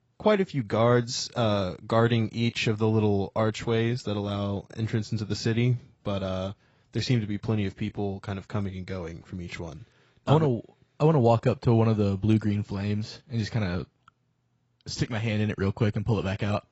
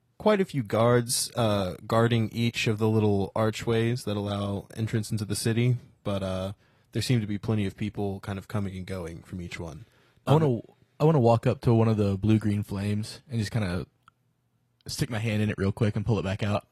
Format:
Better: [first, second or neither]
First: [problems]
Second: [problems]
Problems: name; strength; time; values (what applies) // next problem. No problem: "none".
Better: second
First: garbled, watery; badly; nothing above 7.5 kHz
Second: garbled, watery; slightly